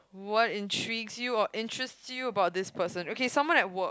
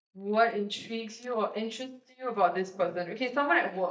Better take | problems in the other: first | noise reduction (neural mask model DeepFilterNet 3)

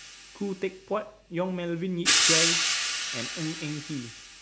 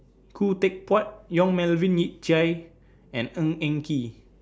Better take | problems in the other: second | background sound (Hi-hat); 4 dB above the speech

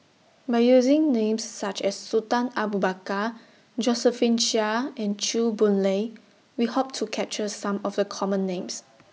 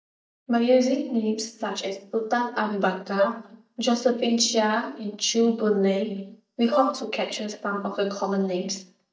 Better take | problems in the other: first | noise reduction (neural mask model DeepFilterNet 3)

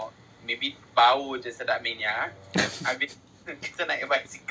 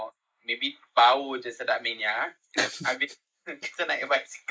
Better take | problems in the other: first | noise reduction (neural mask model Resemble Enhance denoiser)

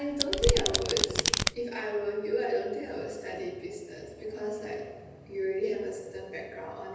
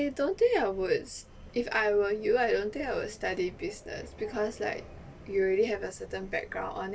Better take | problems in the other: second | background sound (Domestic sounds, home sounds); 5 dB above the speech // room echo; dies away in 1.1 s

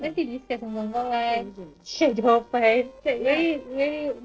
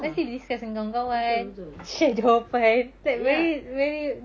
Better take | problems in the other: second | noise reduction (neural separator model SepFormer DNS4)

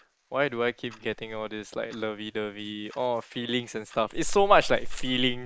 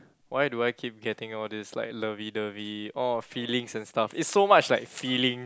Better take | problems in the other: second | noise reduction (neural mask model Resemble Enhance denoiser)

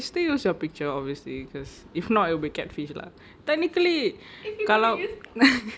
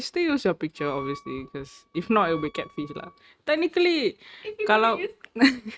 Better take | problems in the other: first | noise reduction (neural mask model RNNoise)

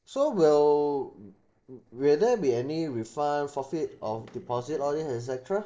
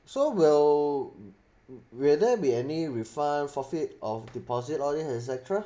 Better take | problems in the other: second | noise reduction (neural separator model SepFormer DNS4)

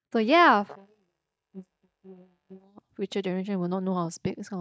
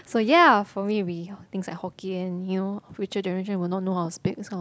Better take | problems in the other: second | noise reduction (neural mask model DeepFilterNet 3)

